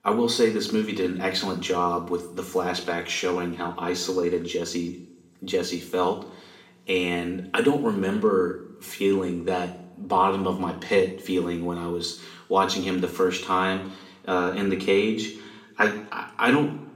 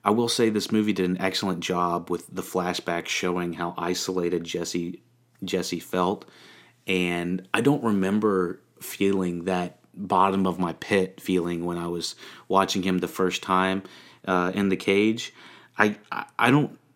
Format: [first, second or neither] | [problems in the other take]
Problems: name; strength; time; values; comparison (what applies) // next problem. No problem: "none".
second | room echo; slight; dies away in 0.6 s // off-mic speech; somewhat distant